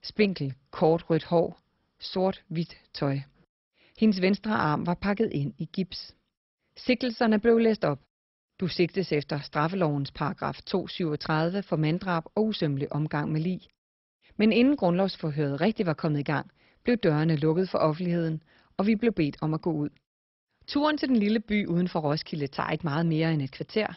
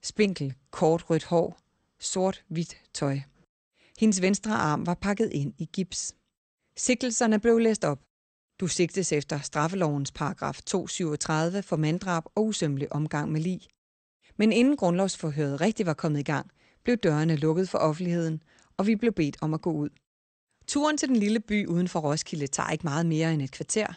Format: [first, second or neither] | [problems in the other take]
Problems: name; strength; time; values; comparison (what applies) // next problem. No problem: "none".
second | garbled, watery; badly; nothing above 5.5 kHz; slightly in the second